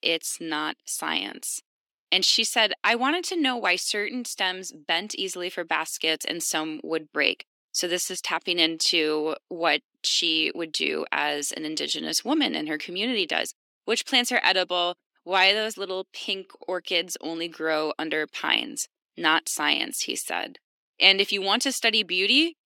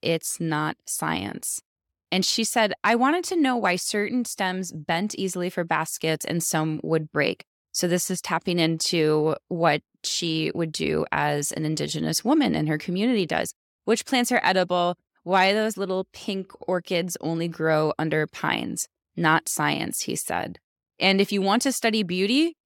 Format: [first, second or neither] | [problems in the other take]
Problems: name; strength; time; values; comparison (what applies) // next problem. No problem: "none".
second | thin; very slightly; fading below 300 Hz